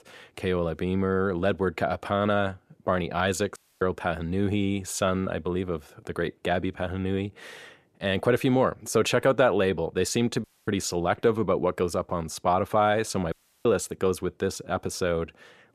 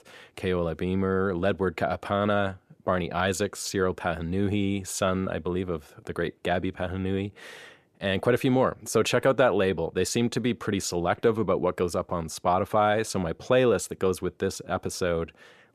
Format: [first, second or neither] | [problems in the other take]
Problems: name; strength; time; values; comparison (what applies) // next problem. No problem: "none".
second | audio cutting out; at 3.5 s, at 10 s and at 13 s